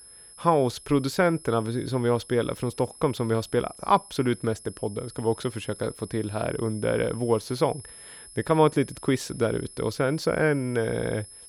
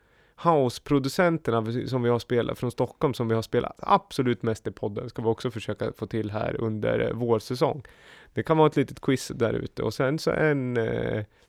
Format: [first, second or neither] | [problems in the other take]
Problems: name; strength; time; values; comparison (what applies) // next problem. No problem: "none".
second | high-pitched whine; noticeable; throughout; 11 kHz, 20 dB below the speech